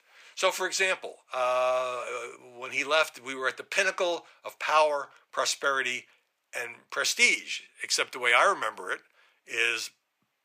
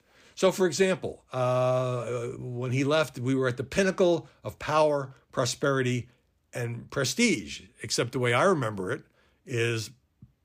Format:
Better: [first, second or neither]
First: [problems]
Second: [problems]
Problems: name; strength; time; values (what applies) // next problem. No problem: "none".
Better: second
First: thin; very; fading below 850 Hz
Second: none